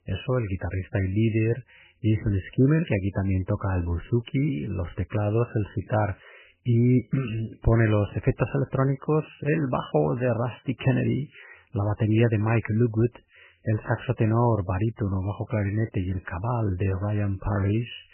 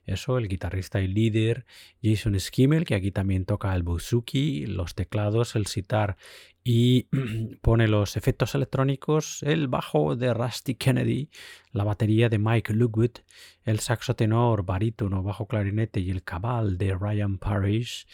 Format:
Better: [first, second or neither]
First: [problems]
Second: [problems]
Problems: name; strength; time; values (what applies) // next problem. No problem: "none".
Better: second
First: garbled, watery; badly; nothing above 3 kHz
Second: none